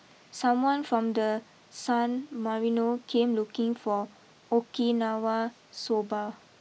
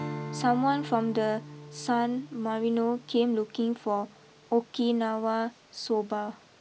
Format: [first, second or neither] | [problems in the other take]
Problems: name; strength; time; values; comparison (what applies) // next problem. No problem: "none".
first | background sound (Strum); 15 dB below the speech